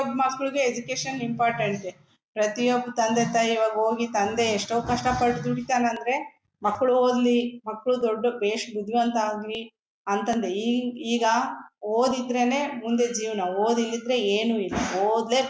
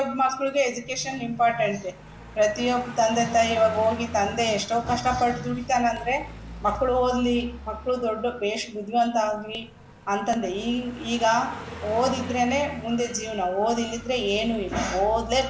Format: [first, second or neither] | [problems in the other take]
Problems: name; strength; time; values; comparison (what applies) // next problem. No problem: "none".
first | background sound (Car passing by); 15 dB below the speech // room echo; dies away in 0.3 s